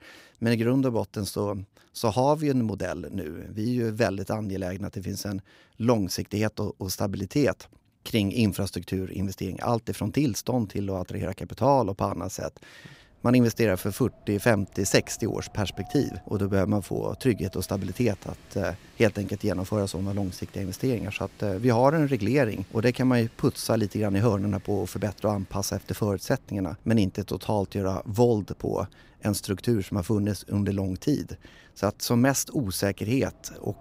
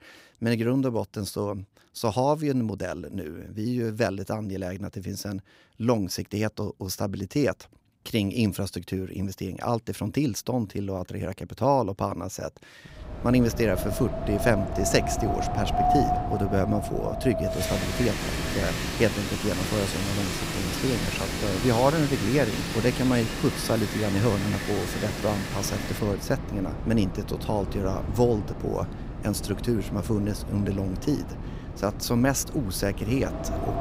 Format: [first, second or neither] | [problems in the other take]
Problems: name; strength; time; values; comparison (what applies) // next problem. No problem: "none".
first | wind in the background; loud; from 13 s on; 4 dB below the speech; faint in the first